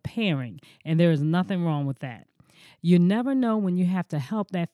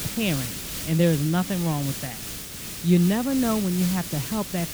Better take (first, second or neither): first